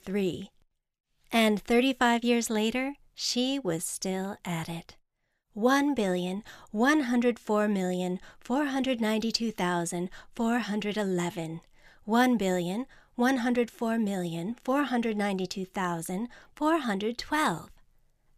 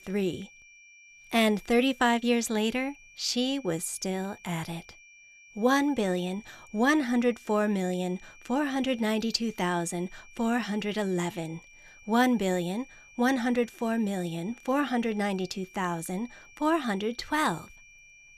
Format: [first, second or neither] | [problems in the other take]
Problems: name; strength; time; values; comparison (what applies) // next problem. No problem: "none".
first | high-pitched whine; faint; throughout; 2.5 kHz, 25 dB below the speech